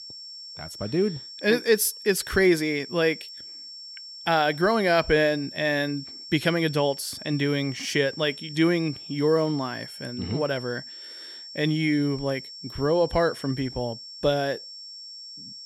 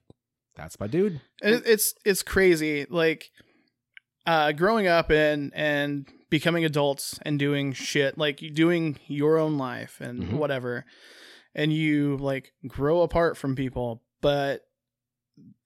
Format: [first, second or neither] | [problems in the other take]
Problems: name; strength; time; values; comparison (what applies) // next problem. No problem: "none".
second | high-pitched whine; noticeable; throughout; 5.5 kHz, 15 dB below the speech